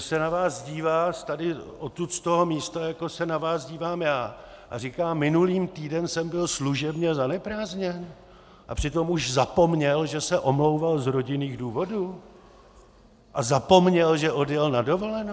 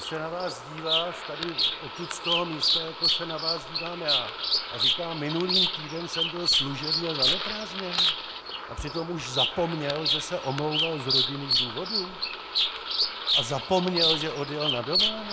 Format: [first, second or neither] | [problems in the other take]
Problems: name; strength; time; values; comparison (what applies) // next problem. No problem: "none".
first | background sound (Bird vocalization, bird call, bird song); 4 dB above the speech